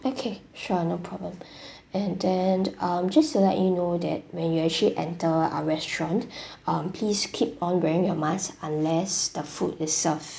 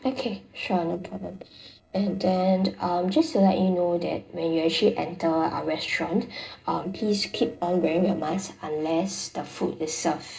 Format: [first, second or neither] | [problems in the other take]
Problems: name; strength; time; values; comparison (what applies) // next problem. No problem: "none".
first | noise reduction (neural separator model SepFormer DNS4)